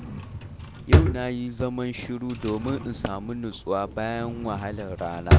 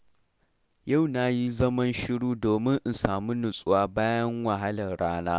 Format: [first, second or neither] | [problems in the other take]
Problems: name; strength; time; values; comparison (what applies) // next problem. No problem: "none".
second | background sound (Drawer open or close); 4 dB above the speech